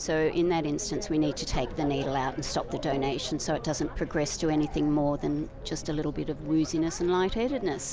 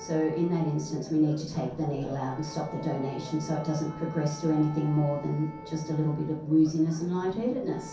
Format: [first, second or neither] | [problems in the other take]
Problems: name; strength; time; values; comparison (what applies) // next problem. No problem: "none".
first | background sound (Wind instrument, woodwind instrument); 19 dB below the speech // room echo; dies away in 0.6 s